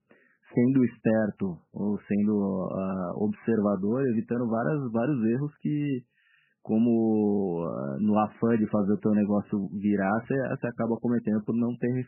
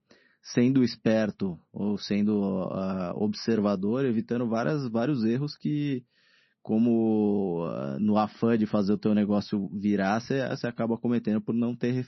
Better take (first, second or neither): second